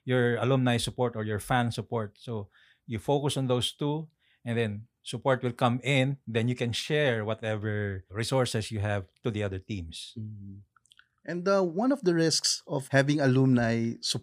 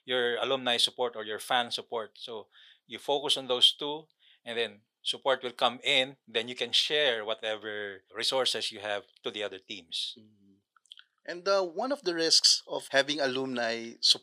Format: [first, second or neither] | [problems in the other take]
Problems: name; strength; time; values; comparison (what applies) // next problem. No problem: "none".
first | thin; somewhat; fading below 500 Hz